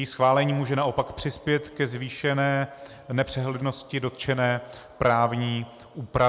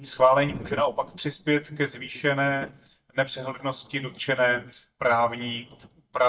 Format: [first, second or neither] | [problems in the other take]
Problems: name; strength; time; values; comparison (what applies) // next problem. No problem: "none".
first | noise reduction (neural mask model DeepFilterNet 3)